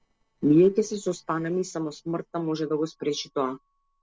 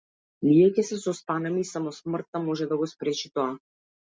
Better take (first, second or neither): second